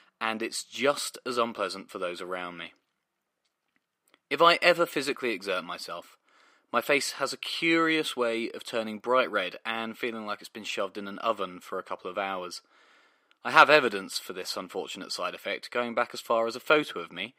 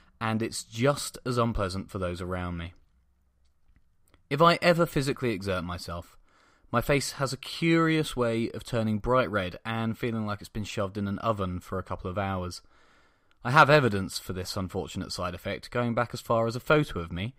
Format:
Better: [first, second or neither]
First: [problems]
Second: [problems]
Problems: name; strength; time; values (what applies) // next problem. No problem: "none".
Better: second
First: thin; somewhat; fading below 300 Hz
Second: none